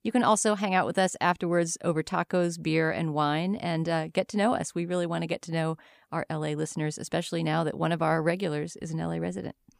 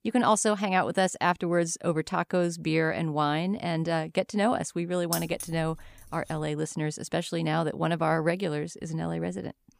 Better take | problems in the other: first | jangling keys; noticeable; at 5 s; peak 5 dB below the speech

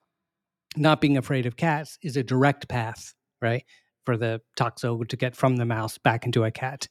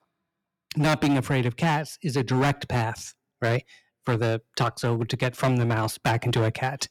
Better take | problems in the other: first | distortion; heavy; 9% of the sound clipped

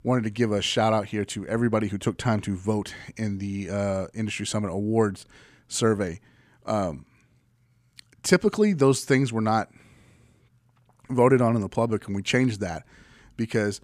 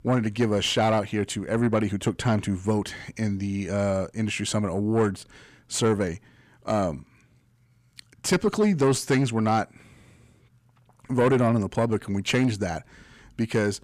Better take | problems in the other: first | distortion; slight; 10 dB below the speech

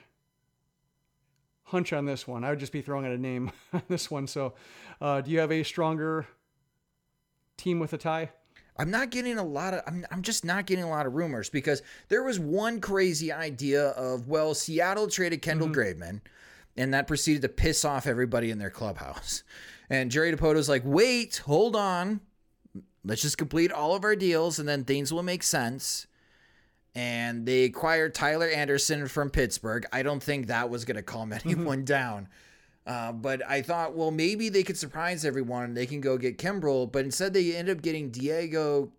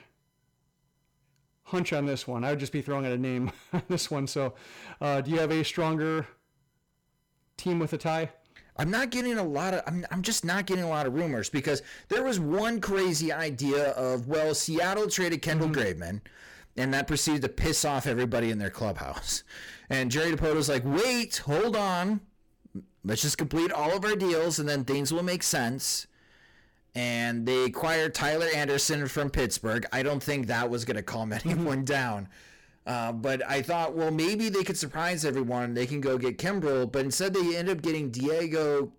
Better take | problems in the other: first | distortion; heavy; 15% of the sound clipped

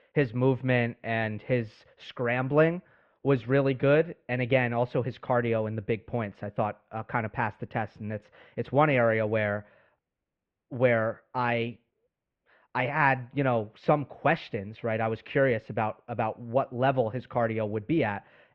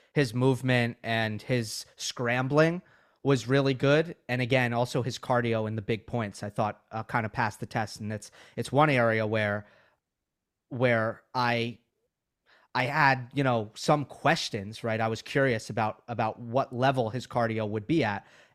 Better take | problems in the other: second | muffled; very; fading above 2.5 kHz

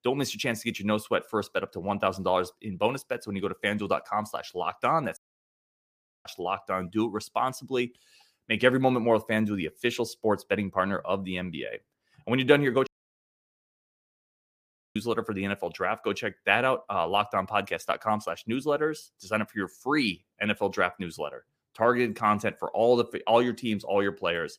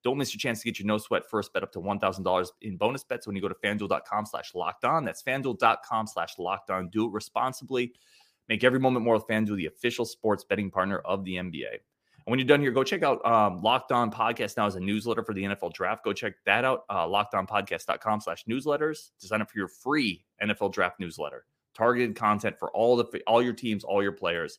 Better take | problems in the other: second | audio cutting out; at 5 s for 1 s and at 13 s for 2 s

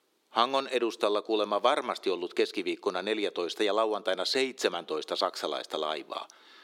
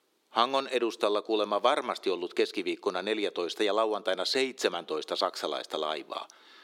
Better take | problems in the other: neither | thin; somewhat; fading below 300 Hz; the same in both

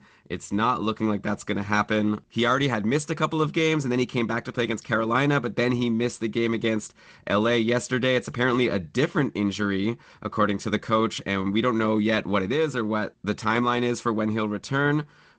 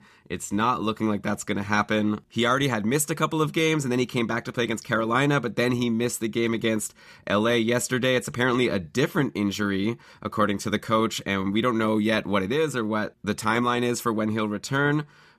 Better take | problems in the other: second | garbled, watery; slightly; nothing above 8 kHz

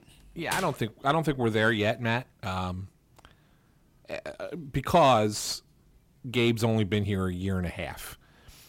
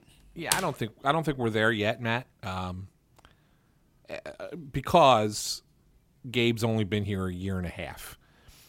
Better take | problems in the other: second | distortion; slight; 10 dB below the speech

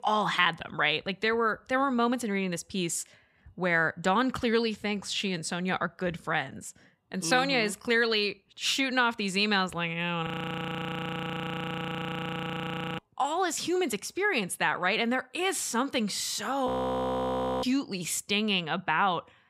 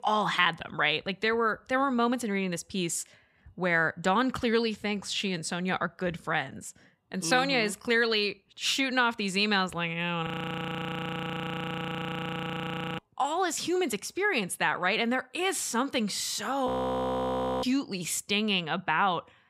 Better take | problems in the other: neither | audio freezing; at 10 s for 2.5 s and at 17 s for 1 s; the same in both

